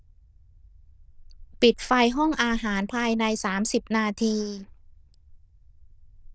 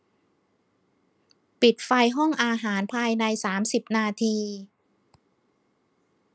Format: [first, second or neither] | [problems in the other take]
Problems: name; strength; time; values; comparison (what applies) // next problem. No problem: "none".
second | noise reduction (neural diffusion model UNIVERSE++)